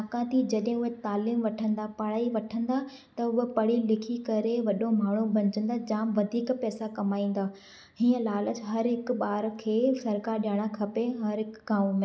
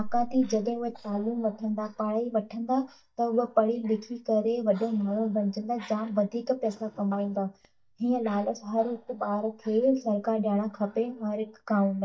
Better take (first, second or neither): first